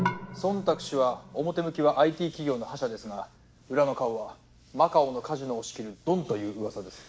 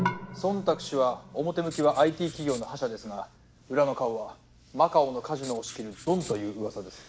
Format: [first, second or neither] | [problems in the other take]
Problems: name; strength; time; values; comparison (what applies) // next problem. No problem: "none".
first | background sound (Writing); 18 dB below the speech